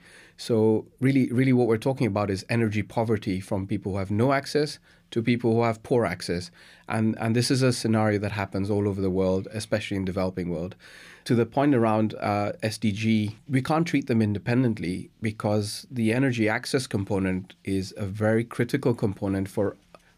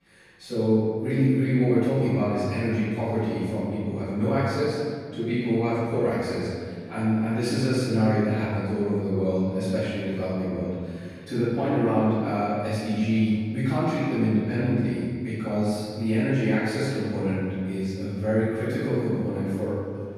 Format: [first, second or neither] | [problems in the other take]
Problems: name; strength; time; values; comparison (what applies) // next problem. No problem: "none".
first | room echo; strong; dies away in 2 s // off-mic speech; far